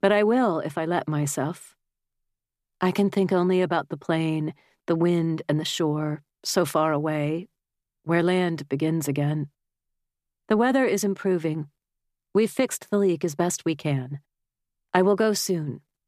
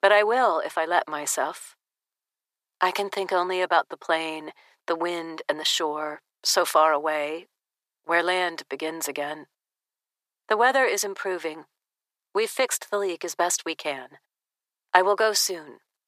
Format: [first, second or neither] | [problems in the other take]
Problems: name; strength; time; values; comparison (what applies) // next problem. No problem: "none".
first | thin; very; fading below 550 Hz